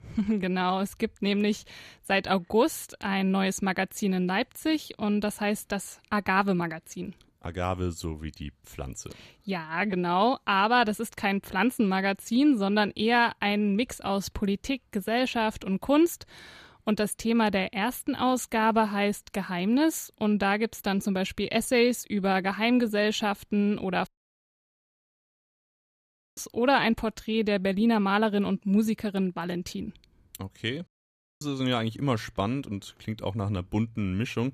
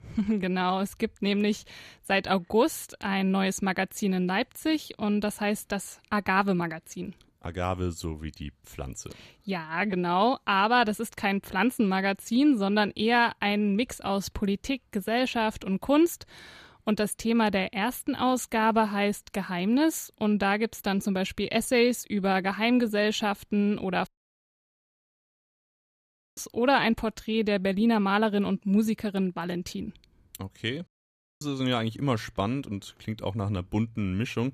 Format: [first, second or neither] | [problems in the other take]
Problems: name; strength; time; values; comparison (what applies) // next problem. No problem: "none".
neither | audio cutting out; at 24 s for 2.5 s and at 31 s for 0.5 s; the same in both